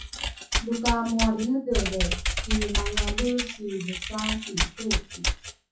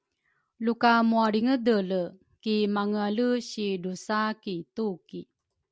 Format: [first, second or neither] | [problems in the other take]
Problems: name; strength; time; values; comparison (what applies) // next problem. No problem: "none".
second | noise reduction (classical method WPE with log-MMSE)